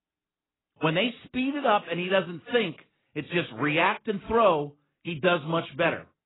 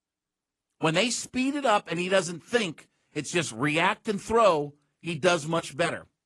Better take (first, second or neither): second